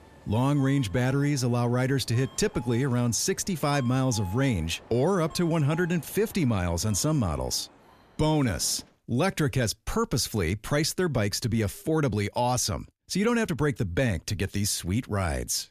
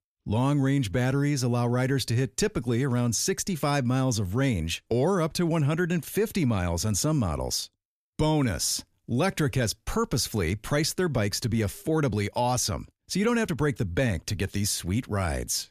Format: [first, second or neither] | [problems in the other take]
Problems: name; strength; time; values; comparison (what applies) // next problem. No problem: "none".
second | train or aircraft noise; faint; until 9 s; 20 dB below the speech